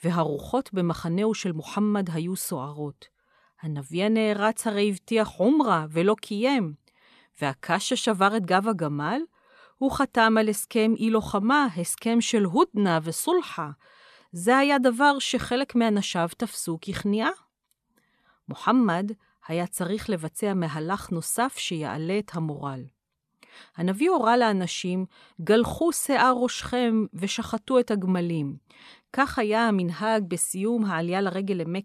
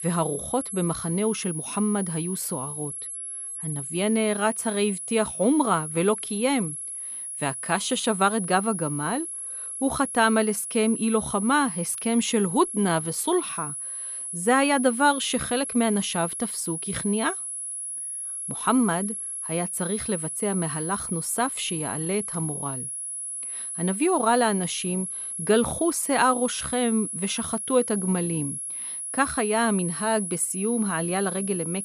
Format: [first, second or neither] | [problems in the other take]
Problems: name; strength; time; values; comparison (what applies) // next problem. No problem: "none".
first | high-pitched whine; loud; throughout; 11 kHz, 5 dB below the speech